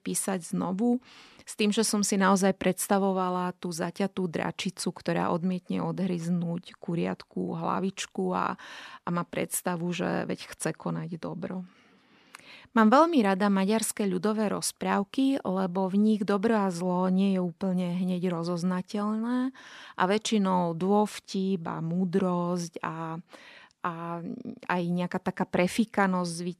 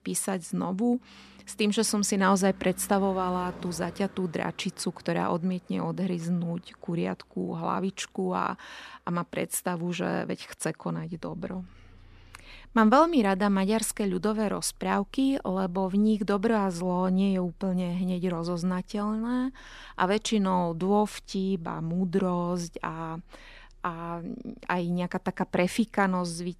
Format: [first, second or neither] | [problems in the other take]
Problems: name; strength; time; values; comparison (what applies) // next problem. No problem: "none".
first | traffic noise; faint; throughout; 25 dB below the speech